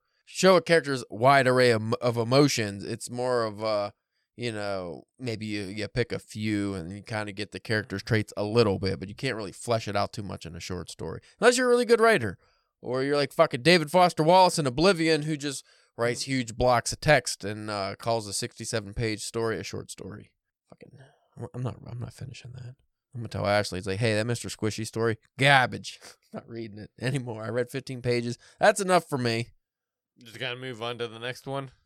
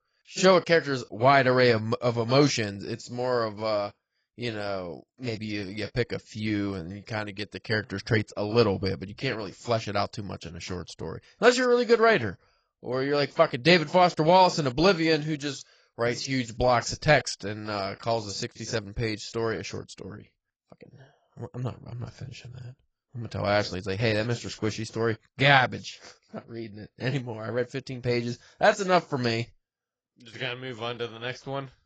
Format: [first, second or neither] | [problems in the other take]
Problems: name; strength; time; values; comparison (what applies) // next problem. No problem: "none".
first | garbled, watery; badly; nothing above 7.5 kHz